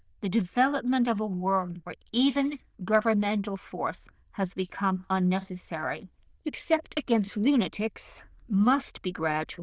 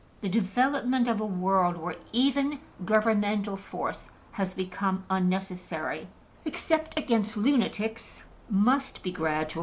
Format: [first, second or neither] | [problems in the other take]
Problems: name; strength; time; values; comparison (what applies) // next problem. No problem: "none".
second | noise reduction (neural diffusion model UNIVERSE++)